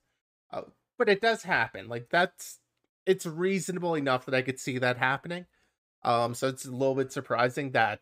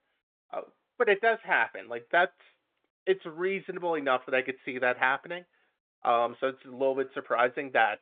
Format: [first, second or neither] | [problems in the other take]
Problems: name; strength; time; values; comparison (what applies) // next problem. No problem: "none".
first | phone-call audio; nothing above 3.5 kHz